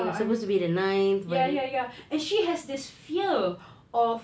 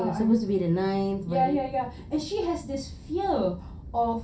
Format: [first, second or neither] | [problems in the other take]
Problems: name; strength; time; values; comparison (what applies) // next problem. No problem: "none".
first | background sound (Aircraft); 16 dB below the speech // room echo; dies away in 0.3 s